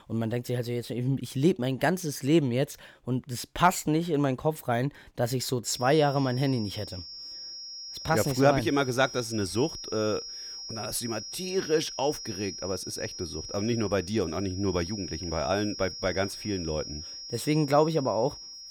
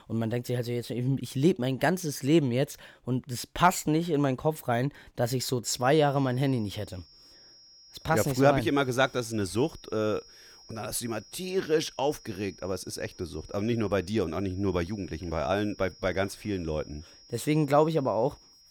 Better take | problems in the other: second | high-pitched whine; loud; from 5.5 s on; 5.5 kHz, 10 dB below the speech; faint in the second

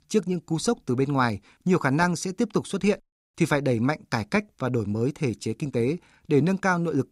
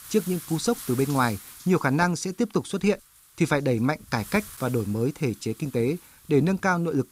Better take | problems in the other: first | wind noise on the microphone; occasional gusts; 20 dB below the speech

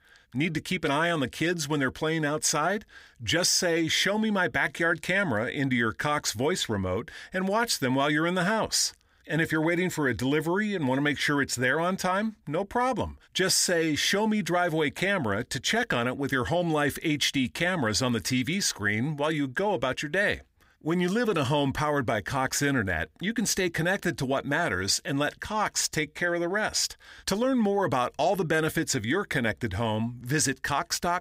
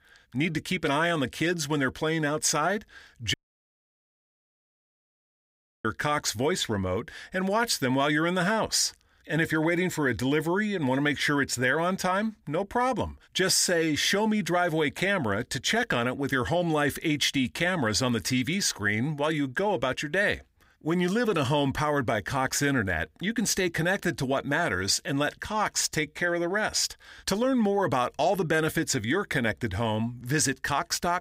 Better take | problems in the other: first | audio cutting out; at 3.5 s for 2.5 s

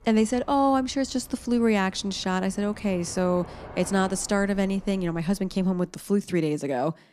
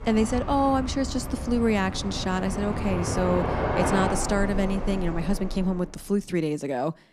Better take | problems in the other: first | train or aircraft noise; loud; until 5.5 s; 4 dB below the speech; faint in the first

